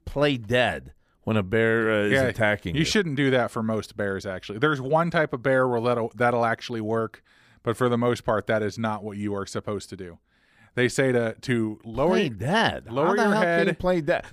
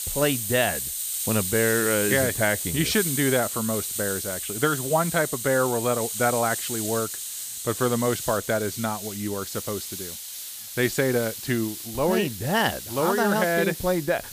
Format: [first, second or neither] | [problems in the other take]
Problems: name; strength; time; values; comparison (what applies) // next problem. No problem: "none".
first | hiss; loud; throughout; 4 dB below the speech